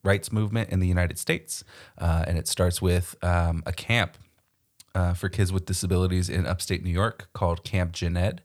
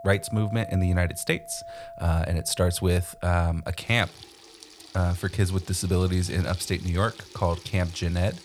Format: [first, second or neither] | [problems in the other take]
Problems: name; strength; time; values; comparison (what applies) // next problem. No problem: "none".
first | household noises; noticeable; throughout; 20 dB below the speech